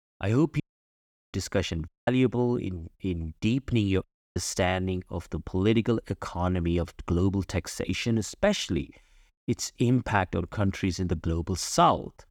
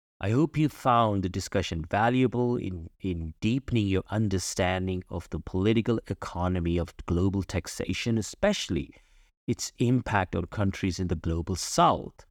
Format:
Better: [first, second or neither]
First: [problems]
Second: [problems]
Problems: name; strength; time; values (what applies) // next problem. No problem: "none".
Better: second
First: audio cutting out; at 0.5 s for 0.5 s, at 2 s and at 4 s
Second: none